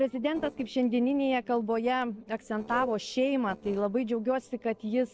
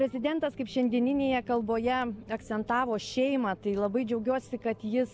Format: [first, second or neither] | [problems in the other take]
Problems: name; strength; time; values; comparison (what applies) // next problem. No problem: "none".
second | noise reduction (neural separator model SepFormer DNS4)